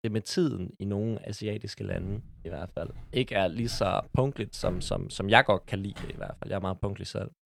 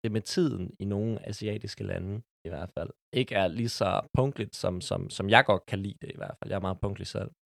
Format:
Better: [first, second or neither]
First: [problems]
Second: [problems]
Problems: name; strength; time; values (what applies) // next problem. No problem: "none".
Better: second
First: footsteps; faint; from 2 to 6.5 s; peak 10 dB below the speech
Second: none